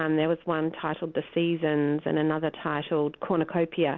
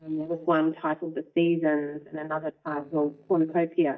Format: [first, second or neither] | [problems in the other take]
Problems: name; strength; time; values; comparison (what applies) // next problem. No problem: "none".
first | noise reduction (neural mask model DeepFilterNet 3)